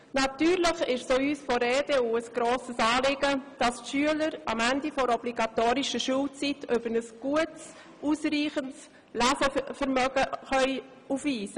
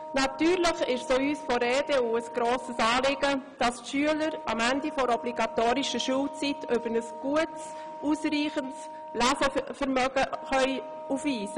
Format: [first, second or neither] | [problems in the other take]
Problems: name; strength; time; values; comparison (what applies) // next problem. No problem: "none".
first | background sound (Wind instrument, woodwind instrument); 12 dB below the speech